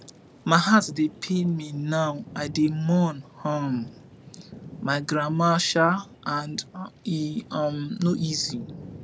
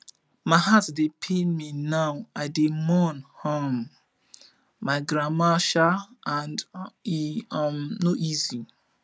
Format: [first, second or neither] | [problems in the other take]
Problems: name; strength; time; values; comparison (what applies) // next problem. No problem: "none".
second | background sound (Thunder / Rain); 18 dB below the speech